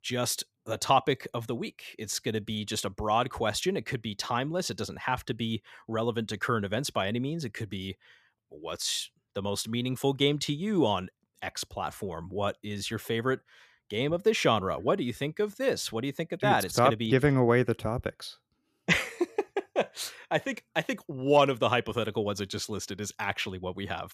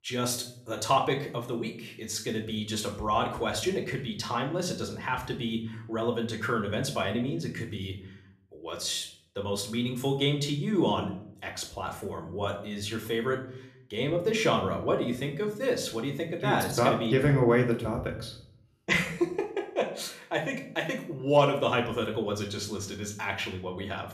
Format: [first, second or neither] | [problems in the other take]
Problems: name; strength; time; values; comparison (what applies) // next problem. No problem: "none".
first | room echo; slight; dies away in 0.5 s // off-mic speech; somewhat distant